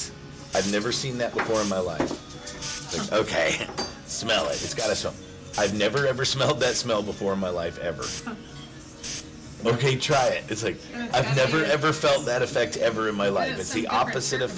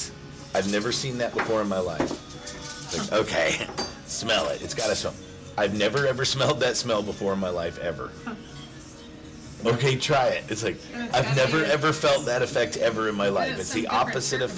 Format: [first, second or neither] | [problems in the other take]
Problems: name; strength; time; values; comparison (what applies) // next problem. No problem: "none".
second | background sound (Hiss); 15 dB below the speech